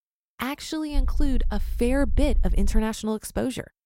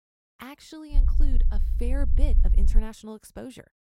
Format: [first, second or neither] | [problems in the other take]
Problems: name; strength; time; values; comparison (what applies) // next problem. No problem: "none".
first | low rumble; loud; from 1 to 3 s; 8 dB below the speech; faint in the first